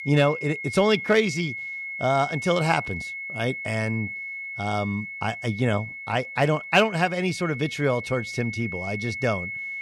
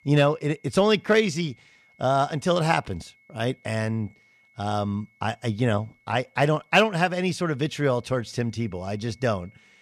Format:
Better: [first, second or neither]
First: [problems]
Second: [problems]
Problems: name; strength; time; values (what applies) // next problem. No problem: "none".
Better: second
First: high-pitched whine; loud; throughout; 2 kHz, 7 dB below the speech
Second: high-pitched whine; faint; throughout; 2 kHz, 35 dB below the speech